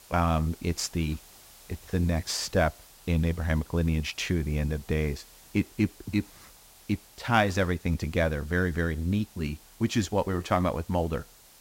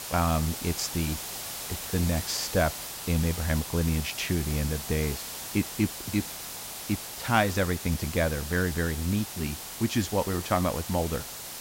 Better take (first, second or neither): first